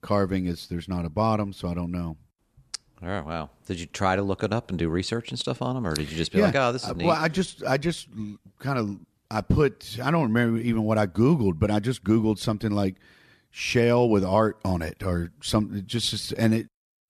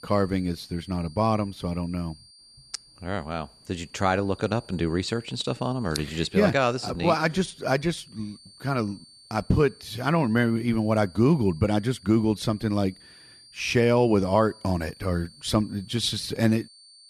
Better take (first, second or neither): first